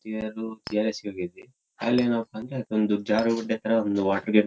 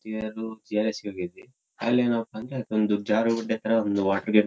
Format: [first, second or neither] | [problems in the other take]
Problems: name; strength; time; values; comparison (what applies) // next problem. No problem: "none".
second | background sound (Chink, clink); 20 dB below the speech